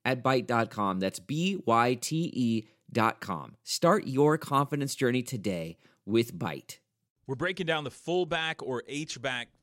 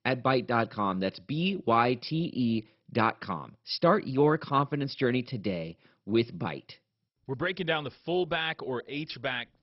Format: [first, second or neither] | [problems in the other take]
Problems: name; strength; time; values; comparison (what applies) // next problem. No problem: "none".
first | garbled, watery; badly; nothing above 5.5 kHz